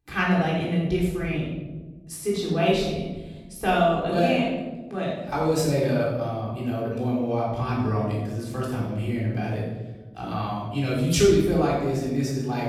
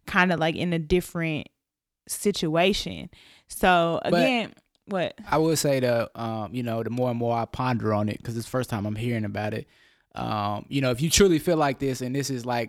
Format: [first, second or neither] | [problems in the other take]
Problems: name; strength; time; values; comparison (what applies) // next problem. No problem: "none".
second | off-mic speech; far // room echo; noticeable; dies away in 1.5 s